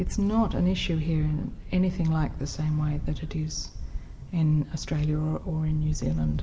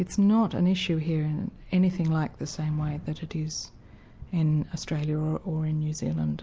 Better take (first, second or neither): second